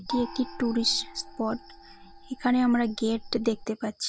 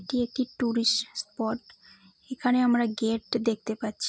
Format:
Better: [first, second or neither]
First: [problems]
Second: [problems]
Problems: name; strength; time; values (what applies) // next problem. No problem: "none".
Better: second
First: background sound (Gong); 14 dB below the speech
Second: none